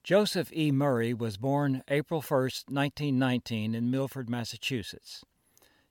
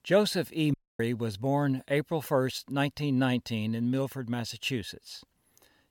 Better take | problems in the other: first | audio cutting out; at 0.5 s

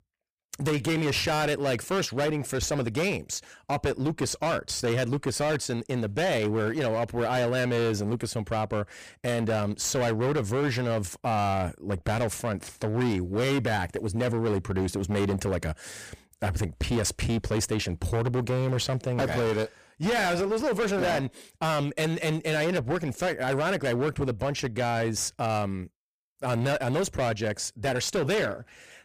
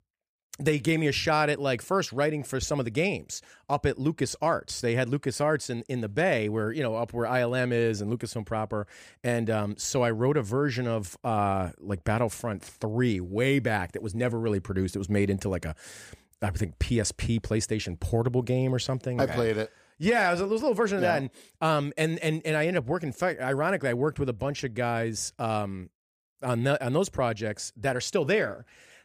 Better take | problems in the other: second | distortion; heavy; 23% of the sound clipped

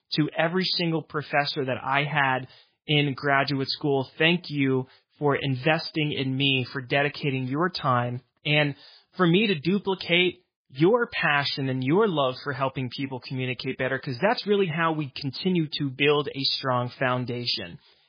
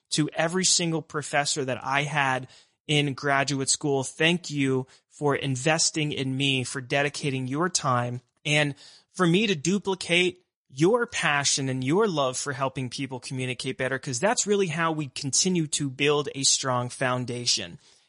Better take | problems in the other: second | garbled, watery; badly; nothing above 5 kHz; slightly in the second

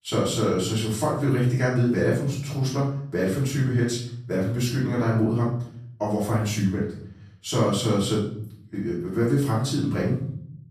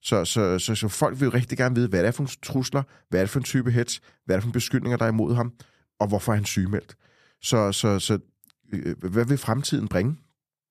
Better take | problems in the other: second | room echo; noticeable; dies away in 0.6 s // off-mic speech; far

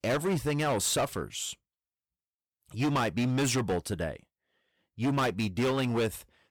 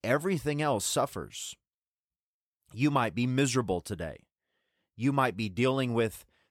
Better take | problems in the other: second | distortion; heavy; 12% of the sound clipped

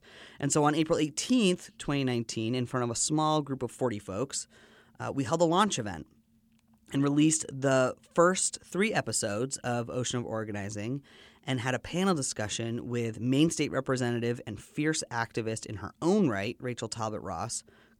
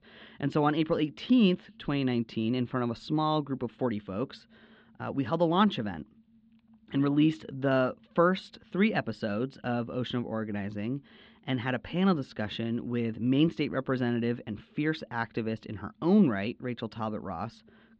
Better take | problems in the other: first | muffled; very; fading above 4 kHz

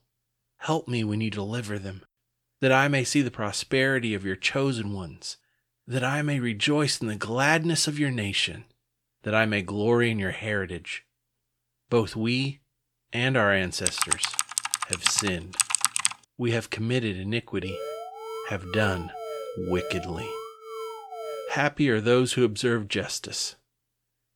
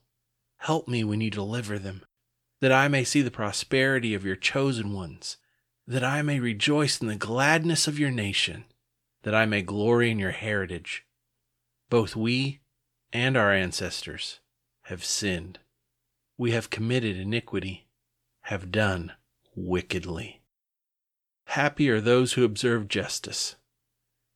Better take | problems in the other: second | keyboard typing; loud; from 14 to 16 s; peak 4 dB above the speech // alarm; noticeable; from 18 to 22 s; peak 9 dB below the speech

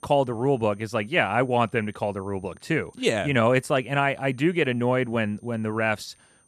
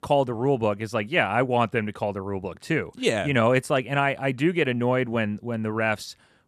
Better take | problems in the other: second | high-pitched whine; faint; throughout; 9 kHz, 35 dB below the speech

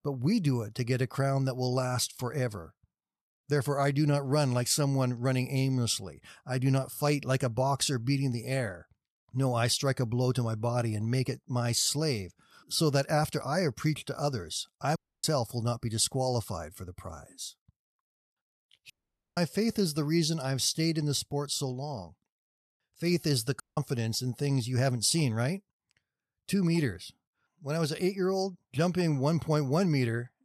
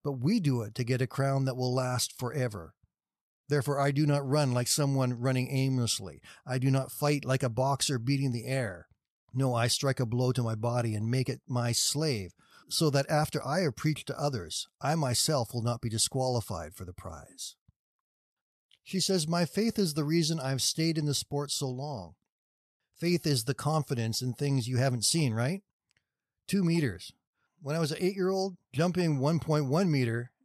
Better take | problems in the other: second | audio cutting out; at 15 s, at 19 s and at 24 s

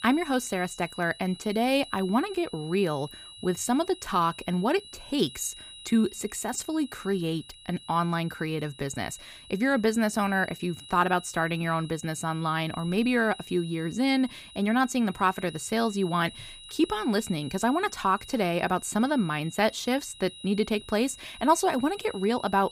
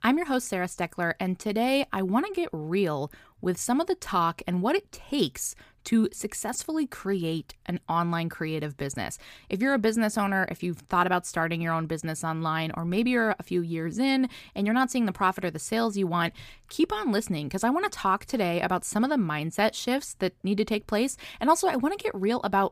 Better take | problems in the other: second | high-pitched whine; noticeable; throughout; 4 kHz, 15 dB below the speech

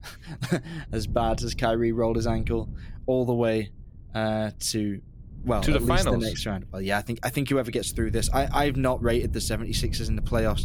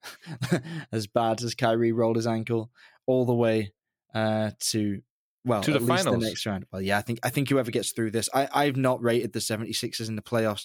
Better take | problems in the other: second | wind noise on the microphone; occasional gusts; 20 dB below the speech

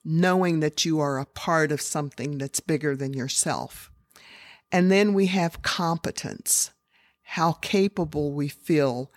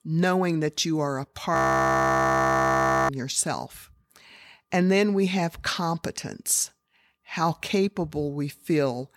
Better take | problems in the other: first | audio freezing; at 1.5 s for 1.5 s

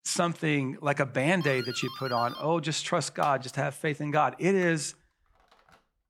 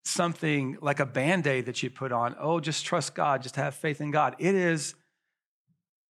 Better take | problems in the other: second | doorbell; faint; from 1.5 s on; peak 10 dB below the speech

